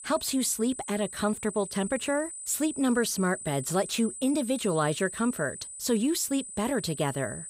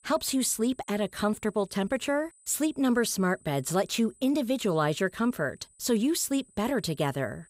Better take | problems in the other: second | high-pitched whine; loud; throughout; 8 kHz, 10 dB below the speech; faint in the second

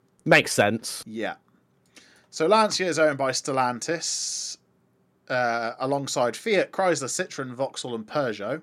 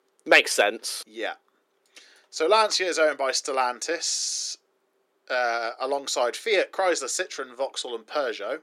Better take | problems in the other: first | thin; somewhat; fading below 400 Hz

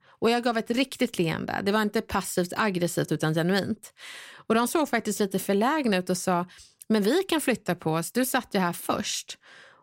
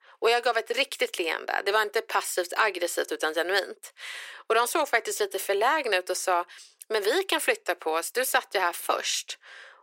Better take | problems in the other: first | thin; very; fading below 400 Hz

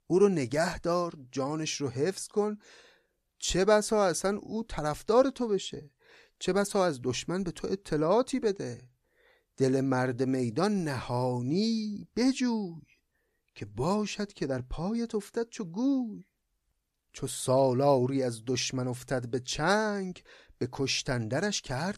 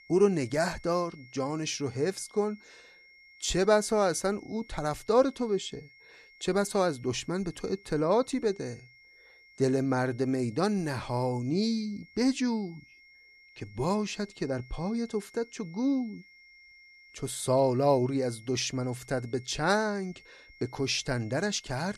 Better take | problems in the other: first | high-pitched whine; faint; throughout; 2 kHz, 25 dB below the speech

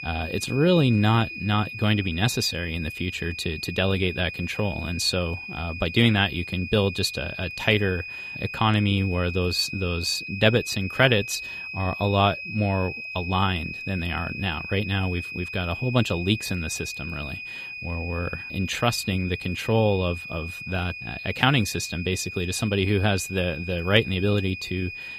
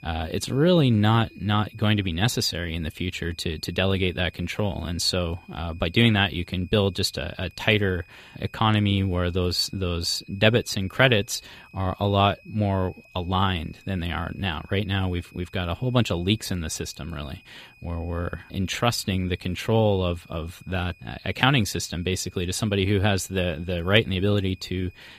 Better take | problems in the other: second | high-pitched whine; loud; throughout; 2.5 kHz, 9 dB below the speech; faint in the second

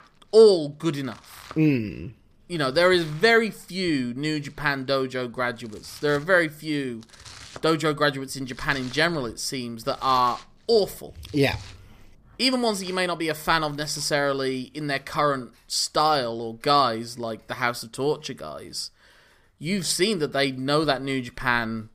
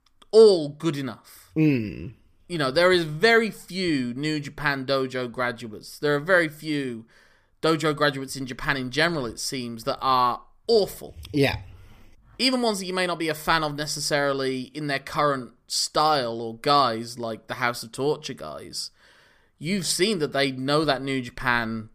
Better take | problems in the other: second | household noises; faint; throughout; 25 dB below the speech

